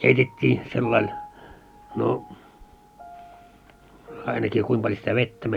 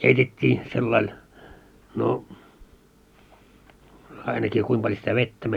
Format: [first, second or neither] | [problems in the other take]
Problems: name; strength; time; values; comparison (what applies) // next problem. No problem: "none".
second | background sound (Piano); 18 dB below the speech